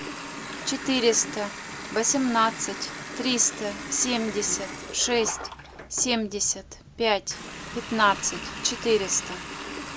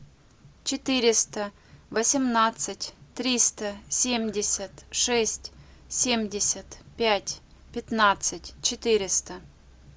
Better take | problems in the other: second | background sound (Water tap, faucet); 10 dB below the speech

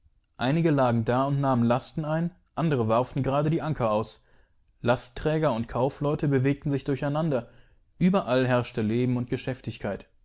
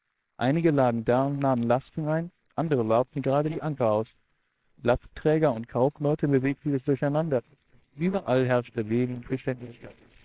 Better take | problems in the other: first | noise reduction (neural separator model SepFormer WHAMR!)

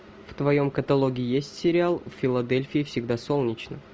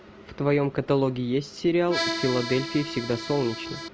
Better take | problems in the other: first | background sound (Accordion); 6 dB below the speech

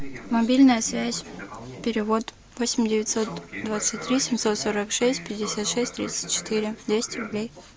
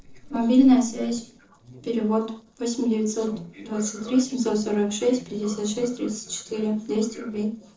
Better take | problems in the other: first | noise reduction (neural separator model SepFormer DNS4)

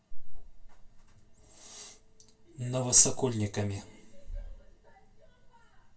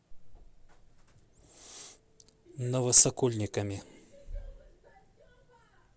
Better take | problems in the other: second | room echo; dies away in 0.2 s

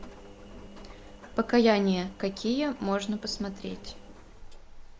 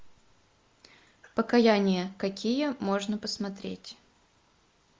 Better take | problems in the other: second | background sound (Engine); 16 dB below the speech

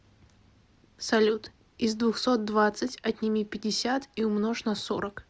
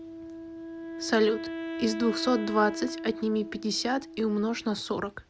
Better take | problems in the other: first | background sound (Wind instrument, woodwind instrument); 9 dB below the speech

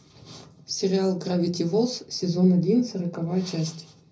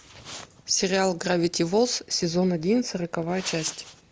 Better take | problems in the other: second | room echo; dies away in 0.4 s

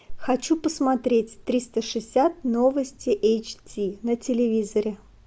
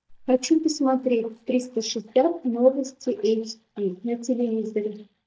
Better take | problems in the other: first | noise reduction (neural mask model DeepFilterNet 3)

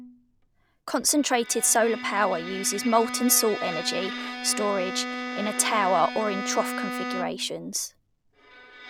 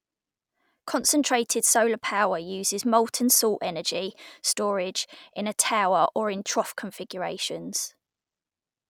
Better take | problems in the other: second | background sound (Bowed string instrument); 8 dB below the speech

